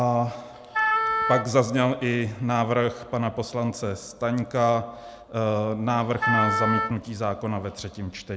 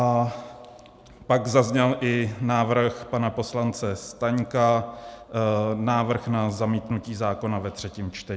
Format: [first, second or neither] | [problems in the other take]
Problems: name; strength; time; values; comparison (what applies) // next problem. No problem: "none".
second | background sound (Wind instrument, woodwind instrument); 1 dB below the speech